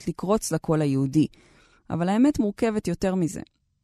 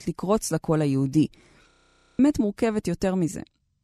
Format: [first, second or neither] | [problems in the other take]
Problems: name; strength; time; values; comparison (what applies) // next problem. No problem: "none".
first | audio freezing; at 1.5 s